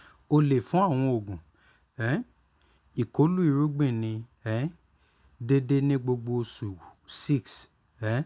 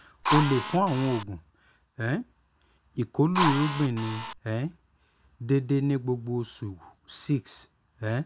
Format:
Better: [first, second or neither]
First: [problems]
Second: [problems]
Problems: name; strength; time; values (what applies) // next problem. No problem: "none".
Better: first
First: none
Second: background sound (Drill); 2 dB below the speech